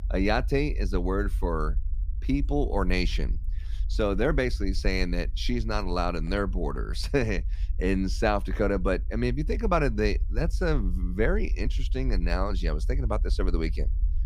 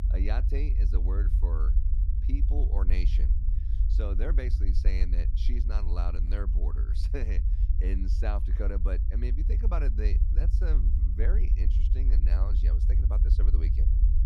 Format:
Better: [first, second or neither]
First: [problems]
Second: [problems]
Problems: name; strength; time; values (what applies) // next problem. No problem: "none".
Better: first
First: low rumble; faint; throughout; 25 dB below the speech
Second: low rumble; loud; throughout; 6 dB below the speech